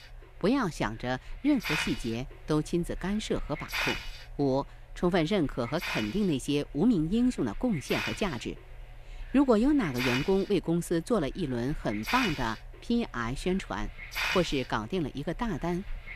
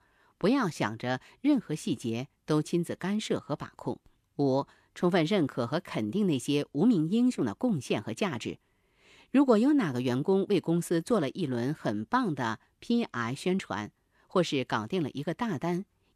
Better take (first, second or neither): second